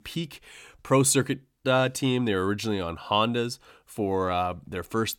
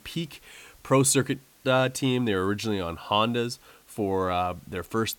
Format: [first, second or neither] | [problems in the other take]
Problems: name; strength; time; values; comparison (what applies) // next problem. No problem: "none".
first | hiss; faint; throughout; 30 dB below the speech